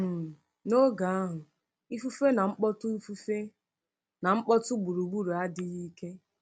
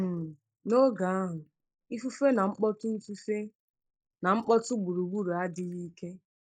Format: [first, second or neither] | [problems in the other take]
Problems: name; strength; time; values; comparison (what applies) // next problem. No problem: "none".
first | noise reduction (neural mask model Resemble Enhance denoiser)